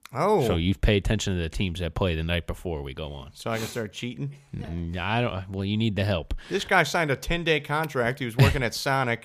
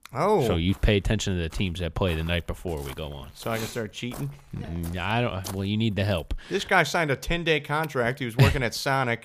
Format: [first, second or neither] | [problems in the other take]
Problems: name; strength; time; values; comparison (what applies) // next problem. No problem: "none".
first | footsteps; faint; until 6 s; peak 15 dB below the speech